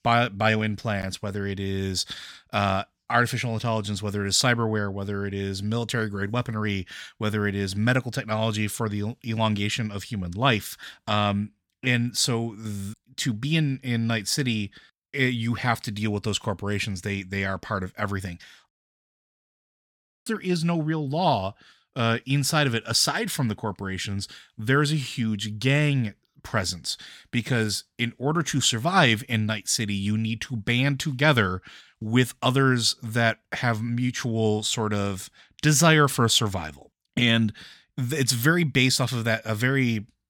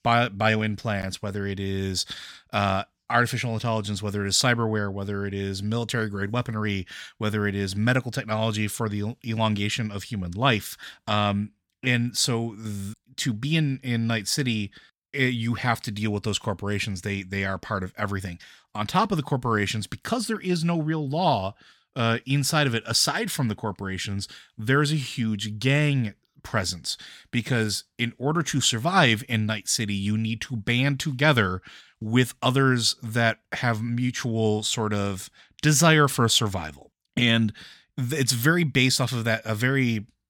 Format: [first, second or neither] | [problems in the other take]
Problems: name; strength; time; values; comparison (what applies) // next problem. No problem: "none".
second | audio cutting out; at 19 s for 1.5 s